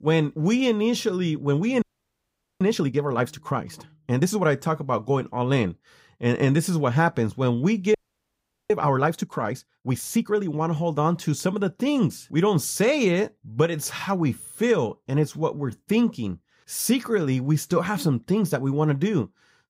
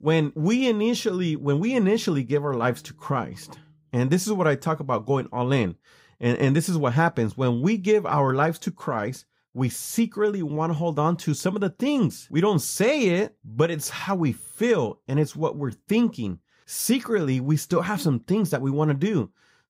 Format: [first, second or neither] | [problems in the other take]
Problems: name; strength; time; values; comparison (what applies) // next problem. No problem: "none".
second | audio freezing; at 2 s for 1 s and at 8 s for 1 s